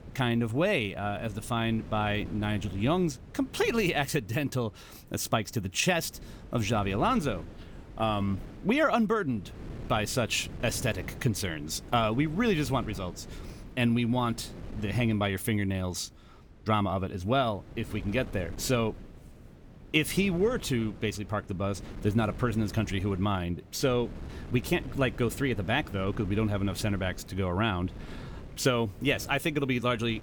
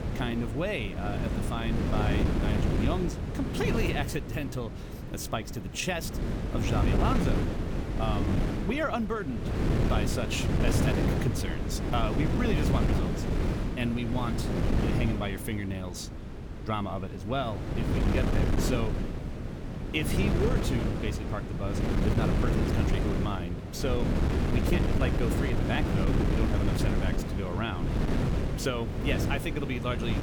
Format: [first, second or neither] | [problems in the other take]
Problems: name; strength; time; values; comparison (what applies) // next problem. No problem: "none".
first | wind noise on the microphone; heavy; 1 dB below the speech; occasional gusts in the first